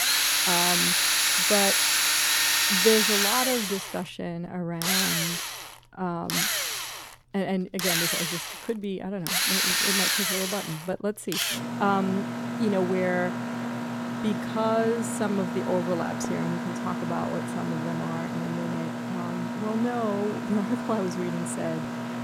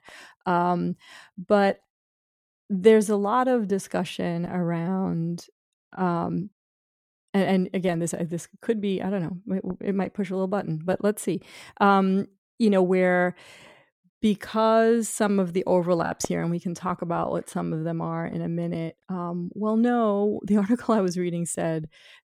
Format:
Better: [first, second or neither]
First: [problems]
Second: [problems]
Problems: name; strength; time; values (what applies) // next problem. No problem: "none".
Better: second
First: machinery noise; very loud; throughout; 5 dB above the speech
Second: none